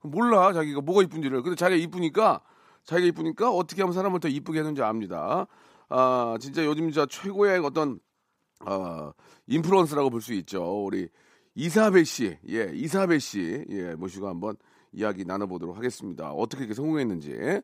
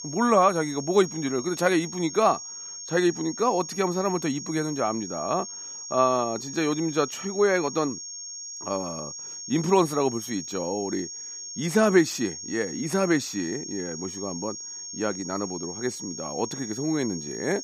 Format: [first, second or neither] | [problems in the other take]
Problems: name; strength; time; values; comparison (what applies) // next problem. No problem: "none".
first | high-pitched whine; loud; throughout; 6.5 kHz, 9 dB below the speech